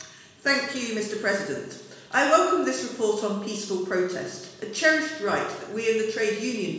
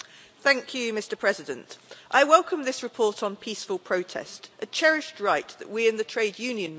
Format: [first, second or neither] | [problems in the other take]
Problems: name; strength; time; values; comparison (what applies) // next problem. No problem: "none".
second | room echo; dies away in 1.1 s